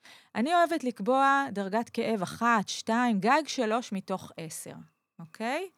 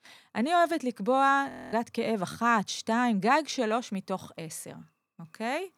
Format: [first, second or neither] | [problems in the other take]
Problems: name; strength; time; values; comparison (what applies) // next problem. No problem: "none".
first | audio freezing; at 1.5 s